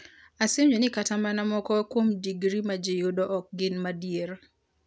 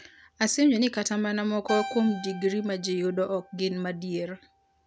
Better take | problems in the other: first | background sound (Keyboard (musical)); 14 dB below the speech

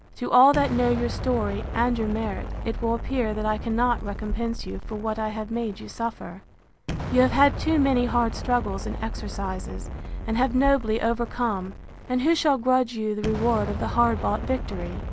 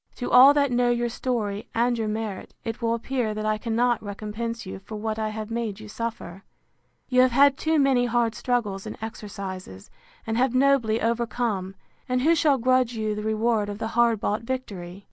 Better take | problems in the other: second | background sound (Explosion); 7 dB below the speech

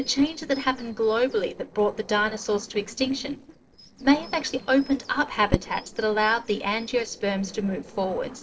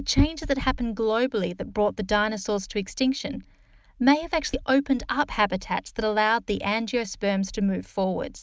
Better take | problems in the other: second | noise reduction (neural separator model SepFormer DNS4)

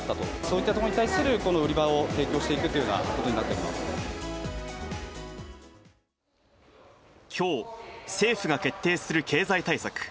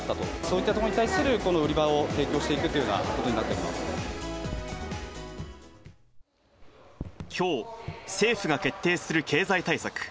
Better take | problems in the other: first | background sound (Raindrop / Drip); 16 dB below the speech

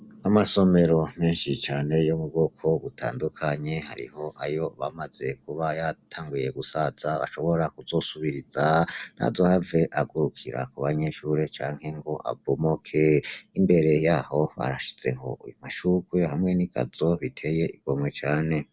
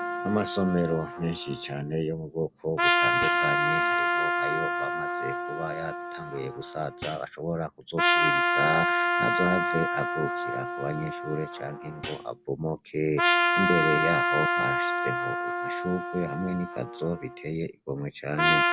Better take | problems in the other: first | background sound (Trumpet + Hi-hat); 3 dB above the speech

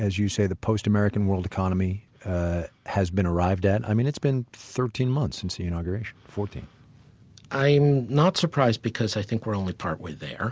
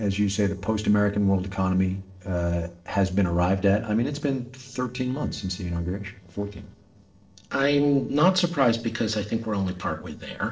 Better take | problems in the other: first | noise reduction (neural separator model SepFormer DNS4)

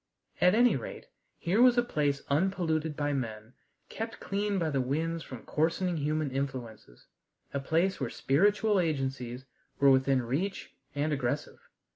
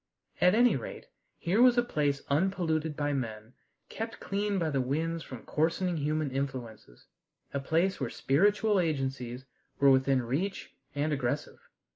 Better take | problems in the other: first | noise reduction (neural mask model Resemble Enhance denoiser)

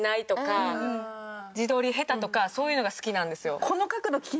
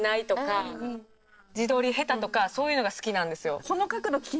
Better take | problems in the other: first | noise reduction (neural separator model SepFormer DNS4)

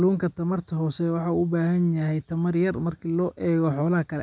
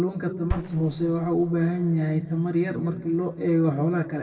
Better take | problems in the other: first | noise reduction (neural separator model SepFormer DNS4)

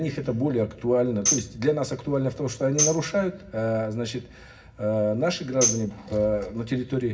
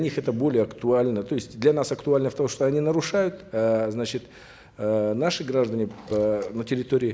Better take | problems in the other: second | background sound (Tambourine); 5 dB below the speech // room echo; dies away in 0.4 s

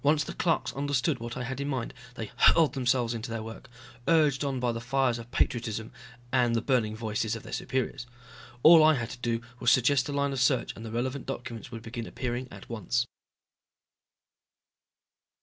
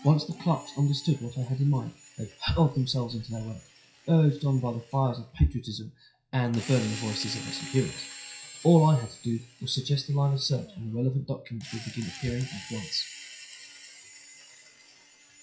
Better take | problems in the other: first | noise reduction (classical method WPE with log-MMSE)

